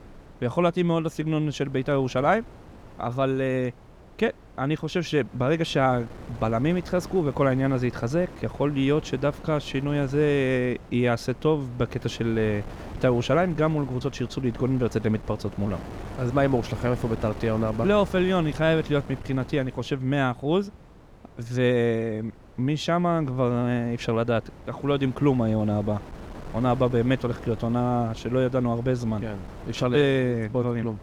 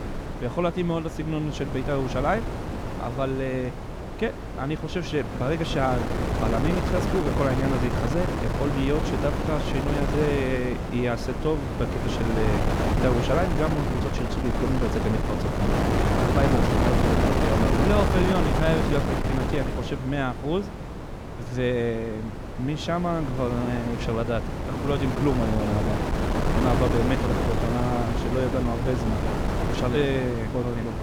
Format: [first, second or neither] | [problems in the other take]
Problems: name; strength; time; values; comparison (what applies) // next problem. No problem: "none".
first | wind noise on the microphone; heavy; 1 dB below the speech; occasional gusts in the first